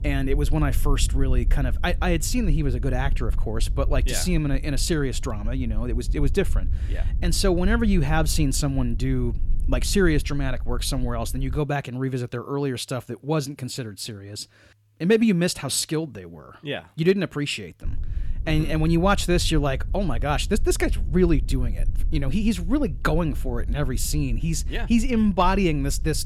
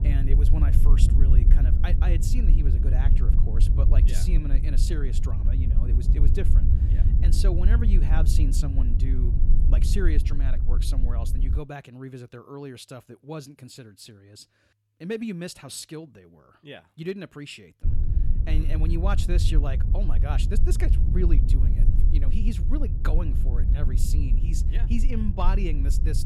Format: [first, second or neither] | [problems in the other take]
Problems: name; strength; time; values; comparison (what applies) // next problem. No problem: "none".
first | low rumble; loud; until 12 s and from 18 s on; 4 dB below the speech; faint in the first